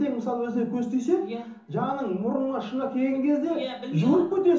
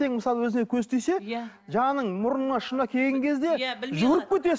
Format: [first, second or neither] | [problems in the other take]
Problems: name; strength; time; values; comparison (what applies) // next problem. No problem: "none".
second | room echo; dies away in 0.7 s